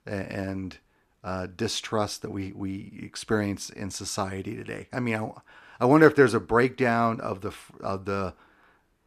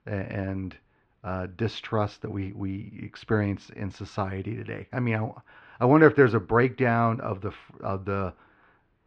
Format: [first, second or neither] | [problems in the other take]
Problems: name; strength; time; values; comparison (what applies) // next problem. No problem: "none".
first | muffled; slightly; fading above 3 kHz